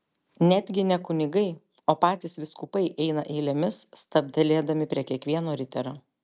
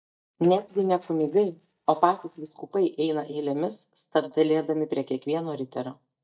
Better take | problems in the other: first | noise reduction (neural mask model DeepFilterNet 3)

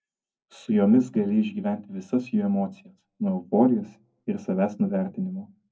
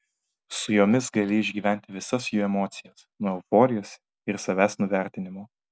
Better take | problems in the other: second | room echo; dies away in 0.3 s

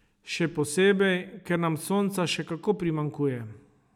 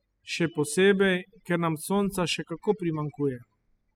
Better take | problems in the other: first | noise reduction (classical method spectral subtraction)

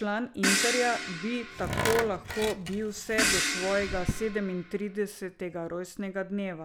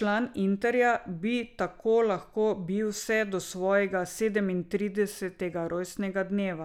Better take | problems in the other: second | background sound (Tools + Crash cymbal); as loud as the speech

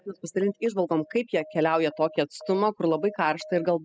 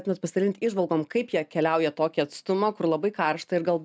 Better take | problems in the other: second | noise reduction (classical method spectral subtraction)

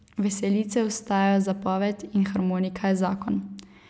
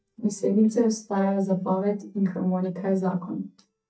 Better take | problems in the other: first | noise reduction (neural mask model DeepFilterNet 3)

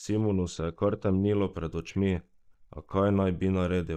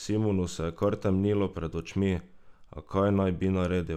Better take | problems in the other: second | noise reduction (neural mask model DeepFilterNet 3)

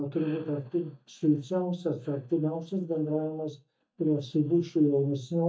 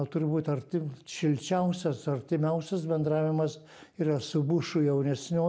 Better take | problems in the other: second | noise reduction (neural mask model DeepFilterNet 3)

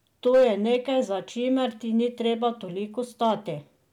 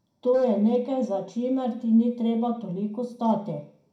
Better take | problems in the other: first | room echo; dies away in 0.5 s

